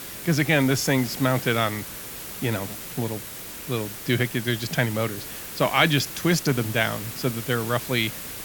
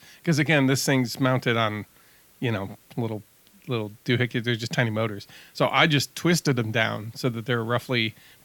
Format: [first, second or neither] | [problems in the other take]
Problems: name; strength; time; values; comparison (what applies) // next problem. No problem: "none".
second | hiss; loud; throughout; 9 dB below the speech; faint in the second